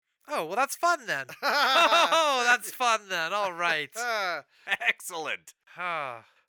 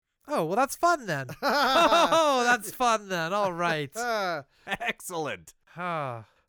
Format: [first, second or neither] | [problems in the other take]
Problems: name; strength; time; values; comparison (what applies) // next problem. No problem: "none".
second | thin; somewhat; fading below 750 Hz